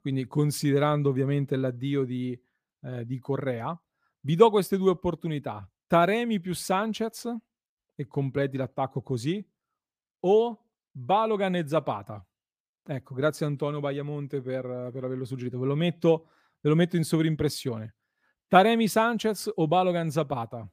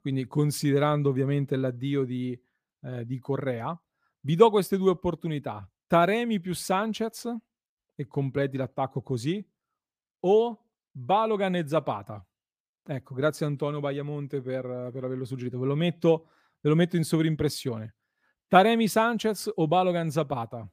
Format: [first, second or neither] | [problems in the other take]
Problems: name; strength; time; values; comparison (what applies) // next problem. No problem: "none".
neither | none